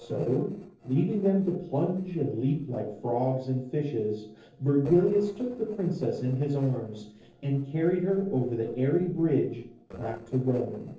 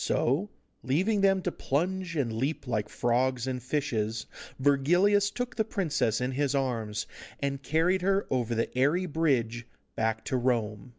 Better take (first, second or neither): second